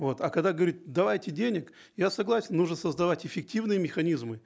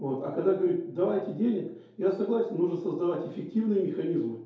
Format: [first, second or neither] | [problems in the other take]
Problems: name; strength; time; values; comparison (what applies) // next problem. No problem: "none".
first | room echo; dies away in 2.4 s